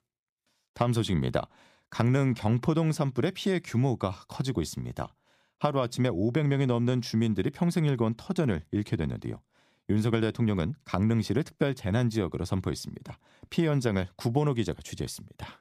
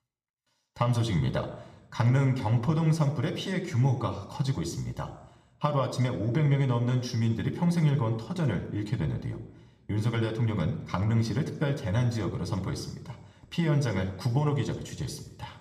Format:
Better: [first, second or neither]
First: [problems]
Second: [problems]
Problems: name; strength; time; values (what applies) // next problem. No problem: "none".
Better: first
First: none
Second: room echo; slight; dies away in 0.8 s